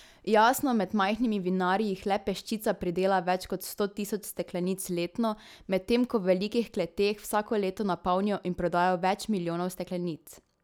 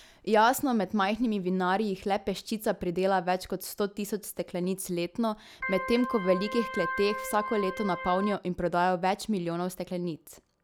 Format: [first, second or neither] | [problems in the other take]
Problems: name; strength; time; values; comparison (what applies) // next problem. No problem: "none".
first | background sound (Organ); 6 dB below the speech